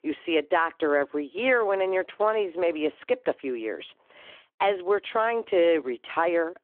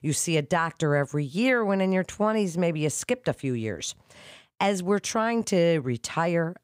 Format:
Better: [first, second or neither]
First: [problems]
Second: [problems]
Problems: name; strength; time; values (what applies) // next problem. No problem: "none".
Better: second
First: phone-call audio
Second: none